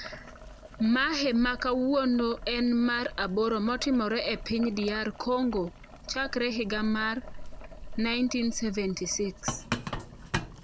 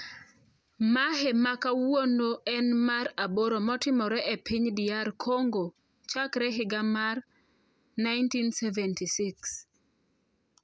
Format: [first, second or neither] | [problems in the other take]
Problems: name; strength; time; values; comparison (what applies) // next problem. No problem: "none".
second | background sound (Boiling); 11 dB below the speech